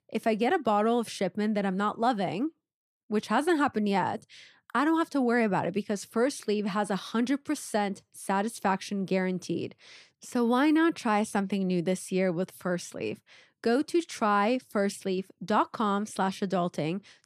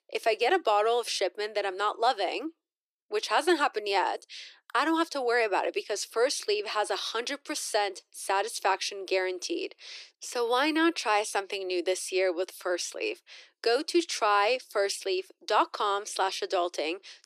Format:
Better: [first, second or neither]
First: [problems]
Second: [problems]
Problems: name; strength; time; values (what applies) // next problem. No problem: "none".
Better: first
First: none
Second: thin; very; fading below 350 Hz